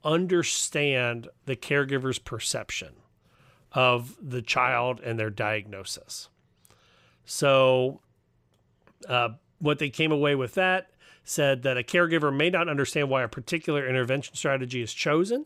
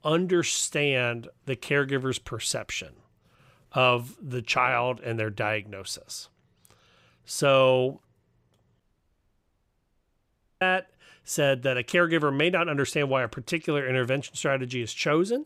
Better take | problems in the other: first | audio cutting out; at 9 s for 2 s

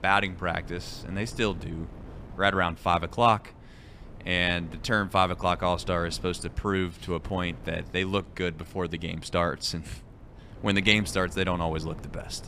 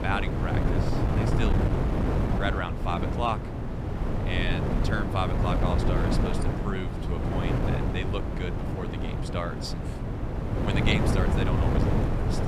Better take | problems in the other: first | wind noise on the microphone; heavy; as loud as the speech; occasional gusts in the first

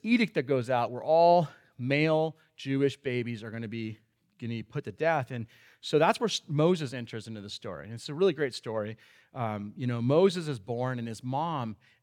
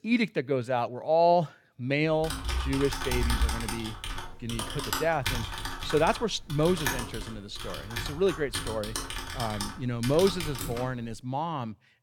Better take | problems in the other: first | keyboard typing; loud; from 2 to 11 s; peak 1 dB above the speech

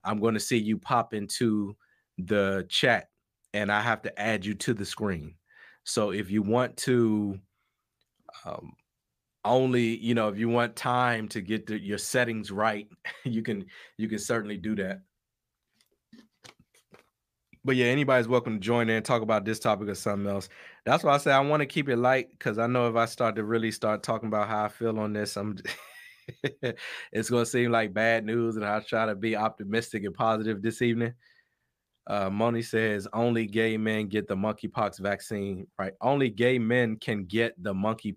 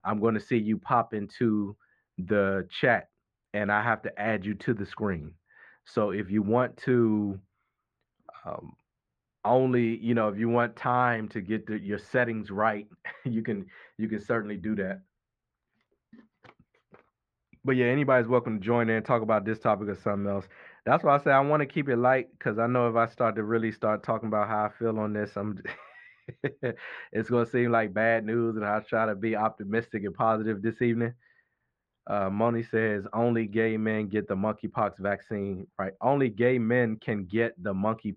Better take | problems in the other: first | muffled; very; fading above 1.5 kHz

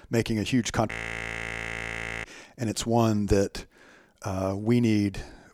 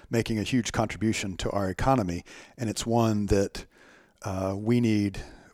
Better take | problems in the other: second | audio freezing; at 1 s for 1.5 s

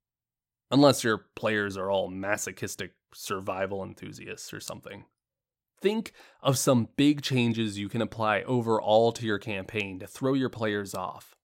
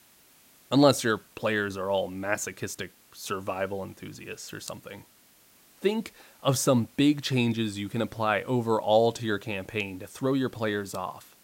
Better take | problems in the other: first | hiss; faint; throughout; 30 dB below the speech

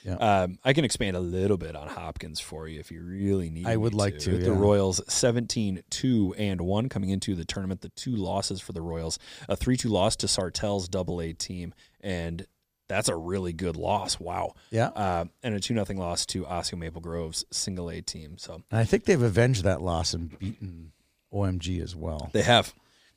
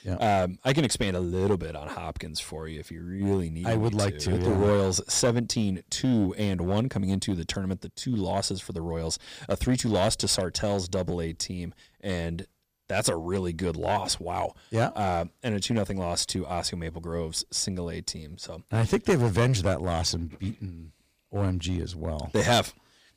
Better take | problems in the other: first | distortion; slight; 4% of the sound clipped

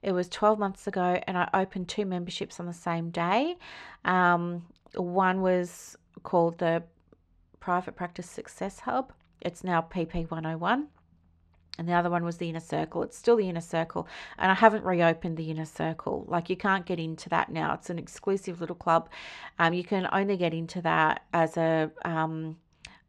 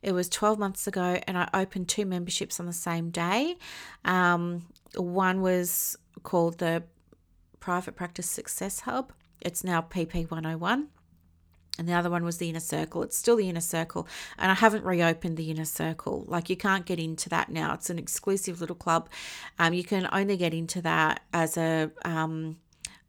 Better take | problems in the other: second | muffled; slightly; fading above 3.5 kHz

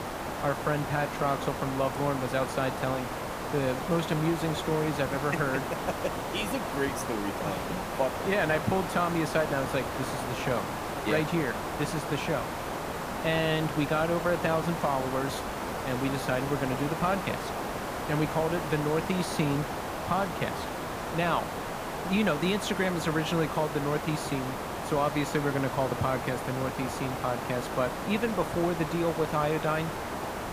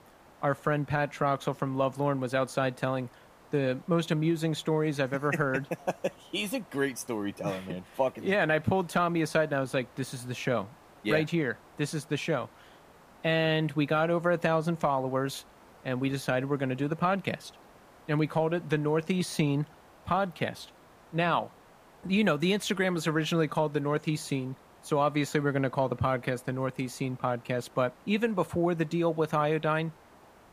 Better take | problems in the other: second | hiss; loud; throughout; 4 dB below the speech; faint in the second

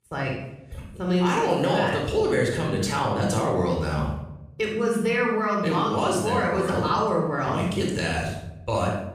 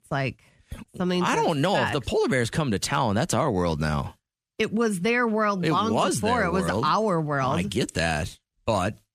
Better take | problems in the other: second | off-mic speech; somewhat distant // room echo; noticeable; dies away in 0.6 s

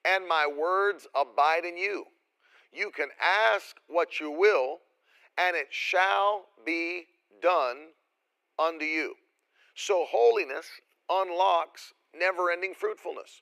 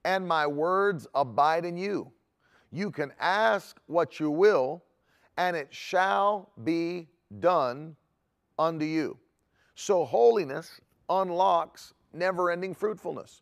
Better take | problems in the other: second | thin; very; fading below 350 Hz

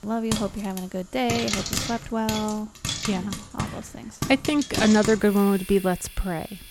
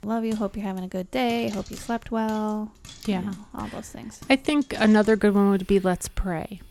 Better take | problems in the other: second | household noises; loud; throughout; 6 dB below the speech; faint in the second

